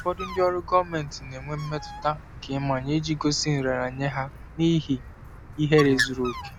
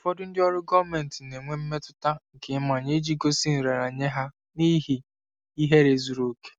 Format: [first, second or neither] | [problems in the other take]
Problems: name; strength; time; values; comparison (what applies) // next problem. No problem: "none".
second | background sound (Bird); 11 dB below the speech